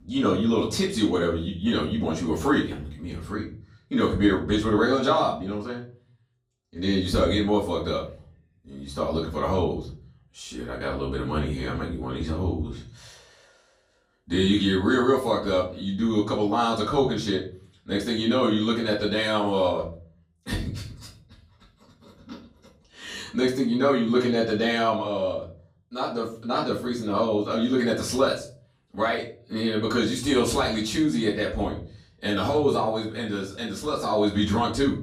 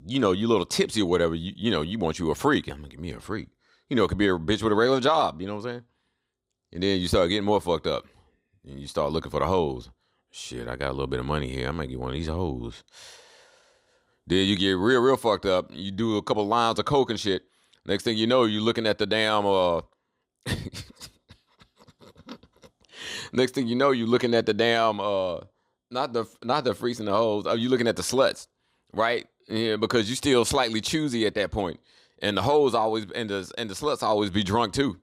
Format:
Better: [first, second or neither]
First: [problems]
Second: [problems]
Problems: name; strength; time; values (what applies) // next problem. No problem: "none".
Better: second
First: off-mic speech; far // room echo; slight; dies away in 0.4 s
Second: none